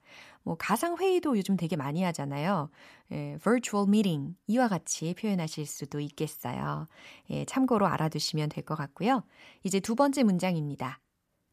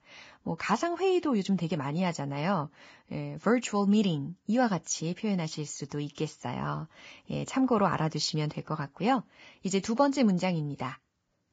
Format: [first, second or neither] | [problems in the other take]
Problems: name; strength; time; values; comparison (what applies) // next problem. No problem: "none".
first | garbled, watery; badly; nothing above 7.5 kHz